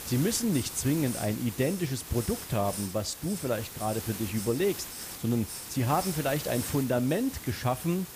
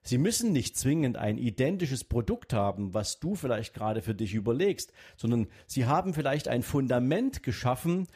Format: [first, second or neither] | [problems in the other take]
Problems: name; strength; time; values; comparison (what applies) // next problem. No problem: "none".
second | hiss; loud; throughout; 8 dB below the speech